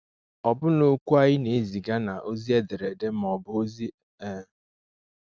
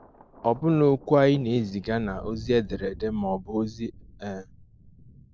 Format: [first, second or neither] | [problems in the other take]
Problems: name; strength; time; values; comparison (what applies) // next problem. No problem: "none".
first | background sound (Thunder); 18 dB below the speech